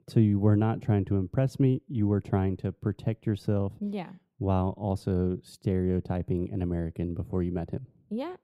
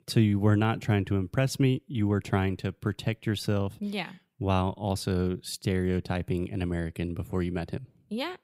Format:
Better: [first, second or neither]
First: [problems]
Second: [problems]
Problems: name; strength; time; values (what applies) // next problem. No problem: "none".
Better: second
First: muffled; slightly; fading above 1 kHz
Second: none